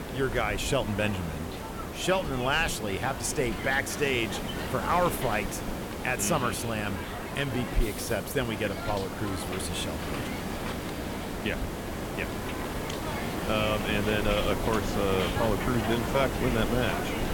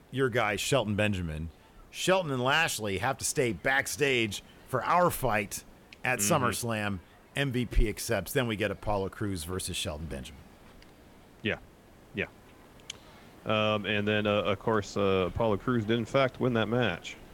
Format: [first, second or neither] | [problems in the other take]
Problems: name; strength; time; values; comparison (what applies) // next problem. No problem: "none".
second | hiss; loud; throughout; 4 dB below the speech; faint in the second